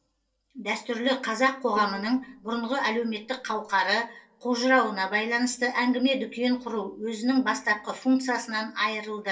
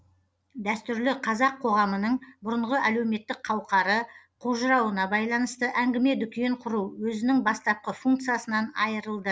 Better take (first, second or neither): second